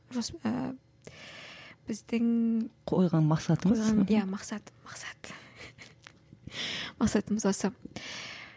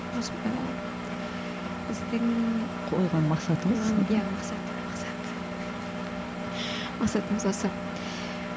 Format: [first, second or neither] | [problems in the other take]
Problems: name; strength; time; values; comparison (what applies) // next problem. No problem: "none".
first | background sound (Engine); 3 dB below the speech